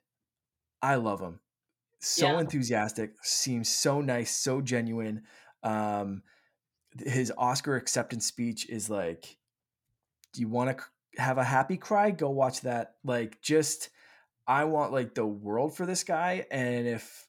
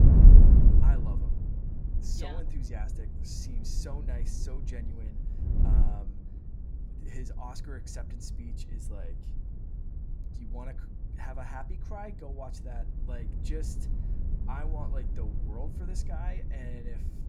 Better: first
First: none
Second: wind noise on the microphone; heavy; 2 dB above the speech

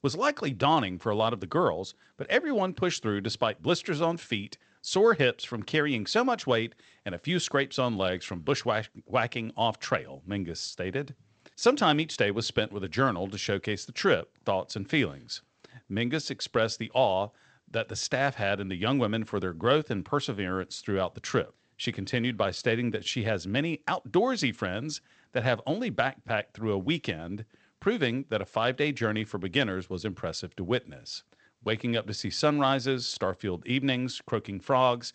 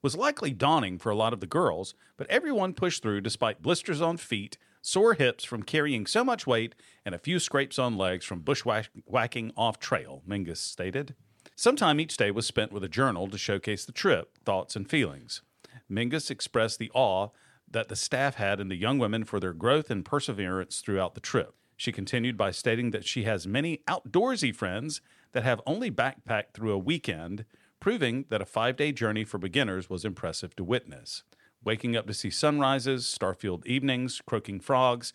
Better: second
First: garbled, watery; slightly; nothing above 8 kHz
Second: none

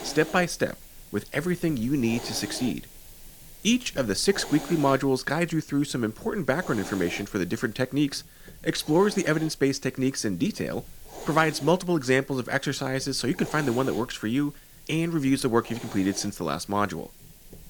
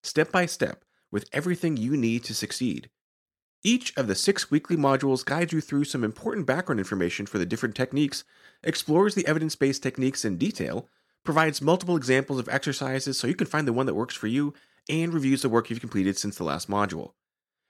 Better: second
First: hiss; noticeable; throughout; 15 dB below the speech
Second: none

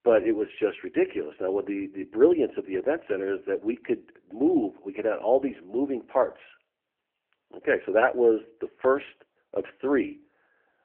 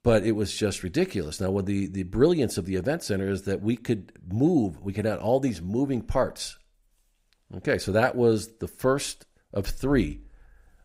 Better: second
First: phone-call audio; poor line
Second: none

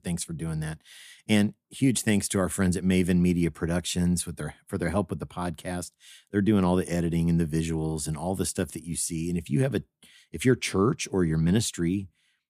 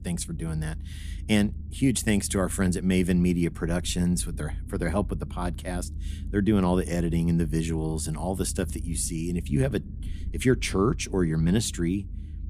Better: first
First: none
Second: low rumble; faint; throughout; 20 dB below the speech

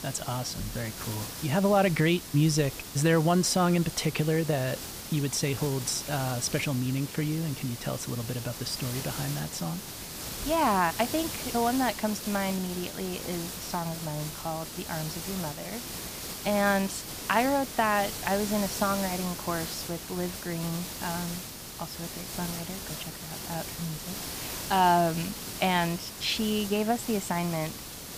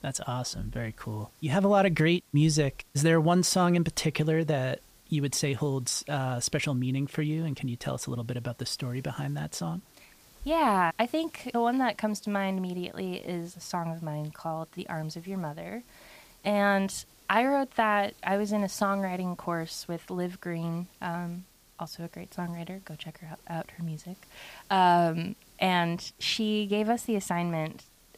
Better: second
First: hiss; loud; throughout; 7 dB below the speech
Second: hiss; faint; throughout; 30 dB below the speech

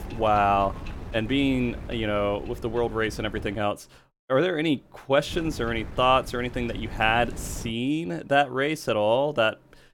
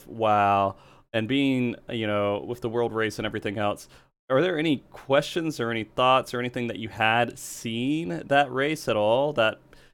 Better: second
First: wind noise on the microphone; occasional gusts; until 3.5 s and from 5.5 to 7.5 s; 20 dB below the speech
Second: none

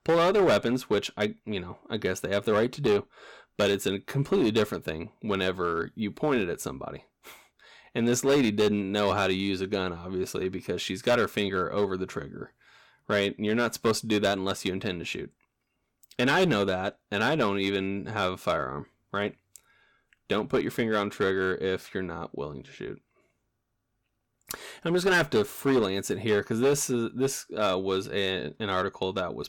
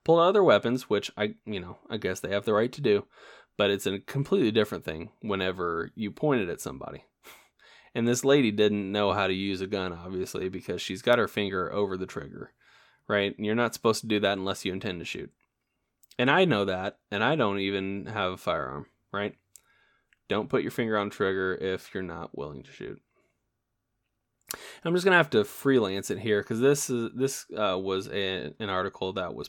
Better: second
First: distortion; slight; 5% of the sound clipped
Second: none

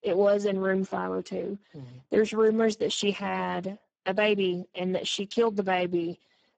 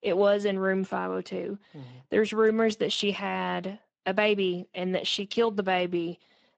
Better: second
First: garbled, watery; badly; nothing above 7.5 kHz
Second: garbled, watery; slightly; nothing above 8 kHz

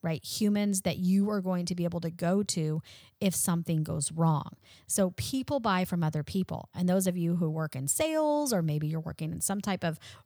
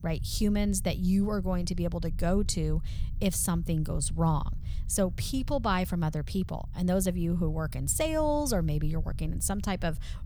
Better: first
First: none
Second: low rumble; faint; throughout; 20 dB below the speech

